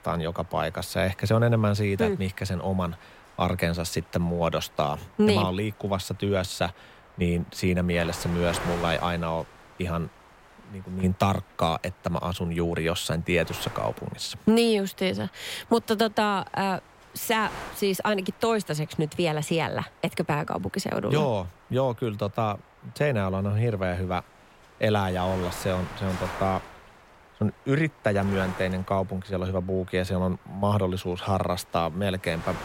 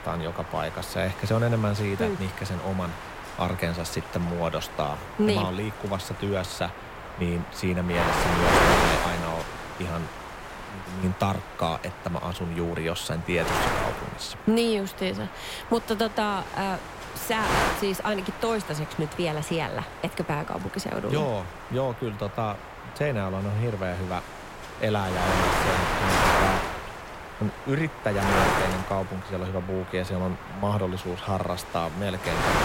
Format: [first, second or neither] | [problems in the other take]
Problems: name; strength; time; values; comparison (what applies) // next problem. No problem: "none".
first | wind noise on the microphone; heavy; 1 dB above the speech; occasional gusts in the first